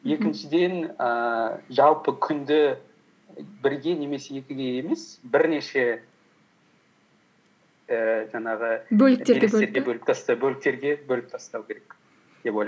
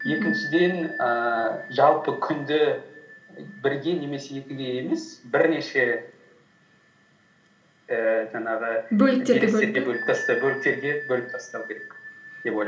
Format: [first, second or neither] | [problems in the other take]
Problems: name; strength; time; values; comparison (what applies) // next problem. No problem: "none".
first | background sound (Bell); 13 dB below the speech // room echo; dies away in 0.8 s